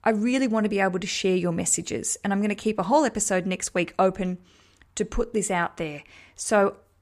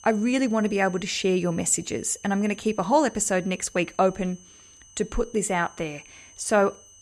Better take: first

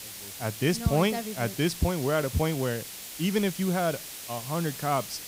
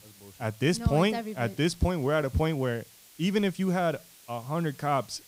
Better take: second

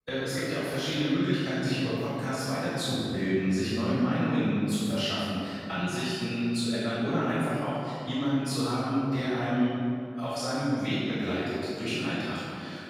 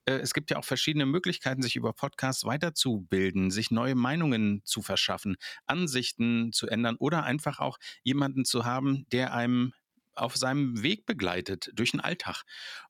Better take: second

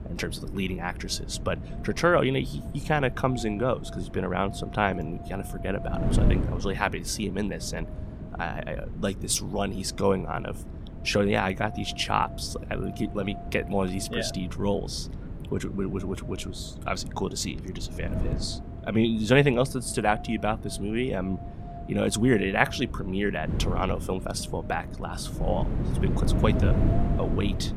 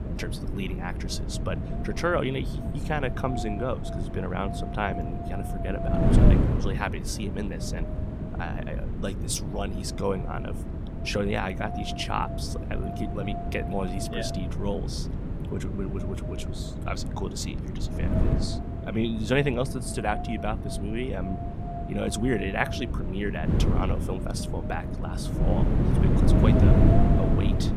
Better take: first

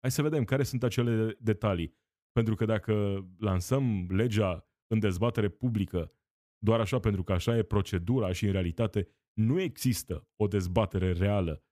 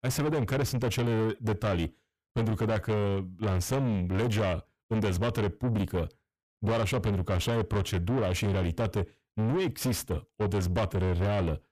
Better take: first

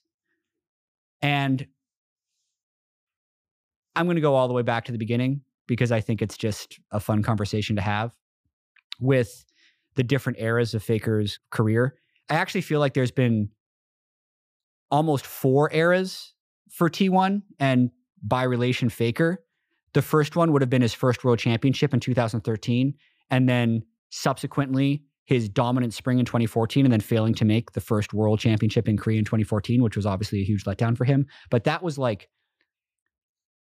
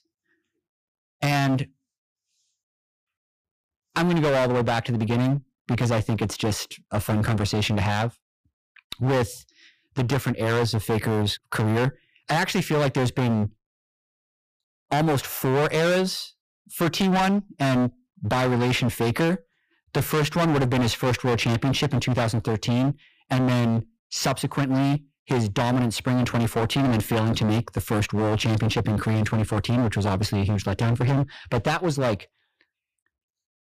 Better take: first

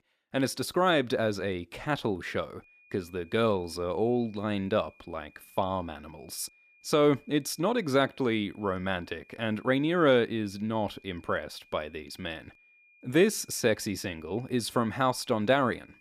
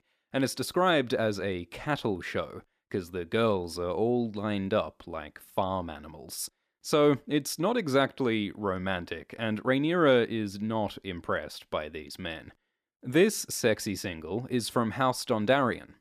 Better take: second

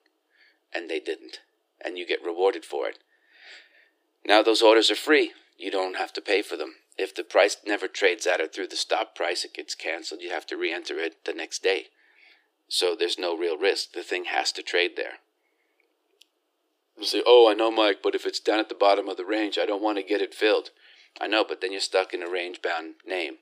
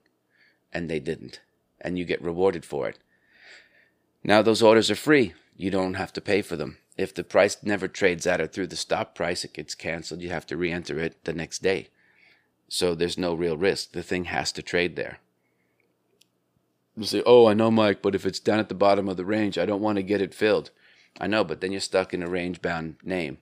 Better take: second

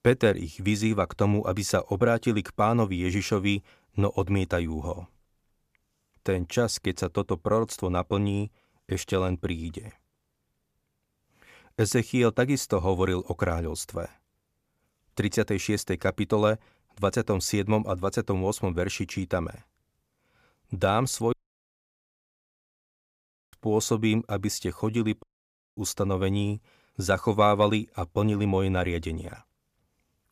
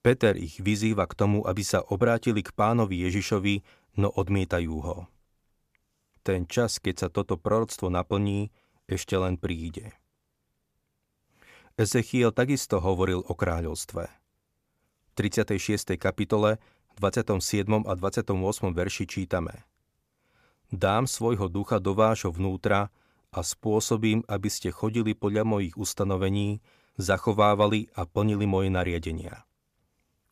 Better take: second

